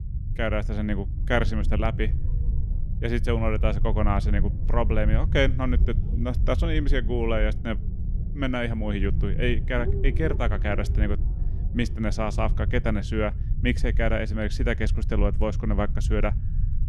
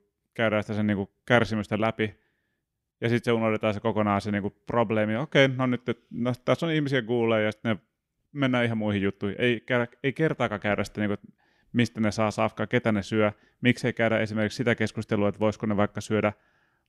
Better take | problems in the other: second | low rumble; noticeable; throughout; 15 dB below the speech

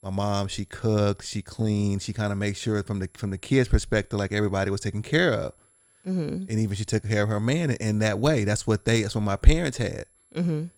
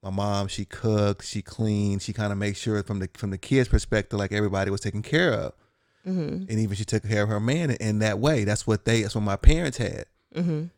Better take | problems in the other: second | high-pitched whine; faint; throughout; 11 kHz, 35 dB below the speech

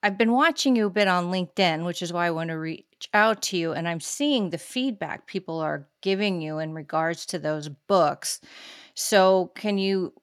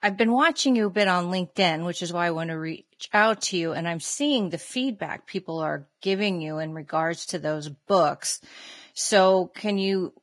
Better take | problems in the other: first | garbled, watery; badly; nothing above 10.5 kHz

